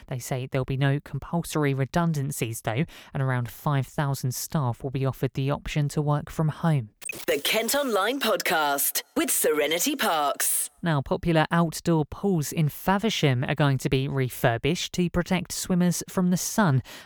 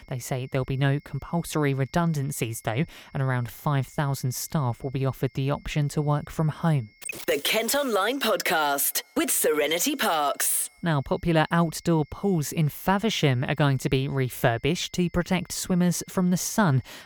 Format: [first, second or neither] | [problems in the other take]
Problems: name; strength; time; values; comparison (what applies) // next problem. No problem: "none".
first | high-pitched whine; faint; throughout; 2 kHz, 30 dB below the speech